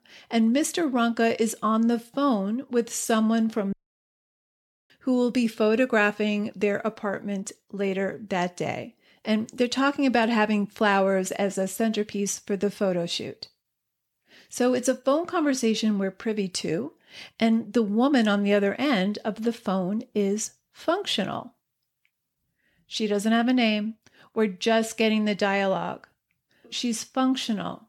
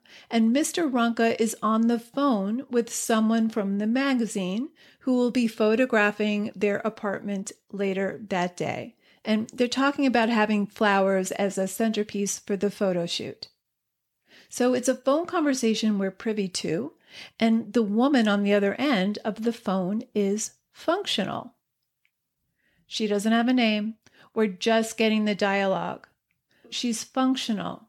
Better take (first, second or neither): second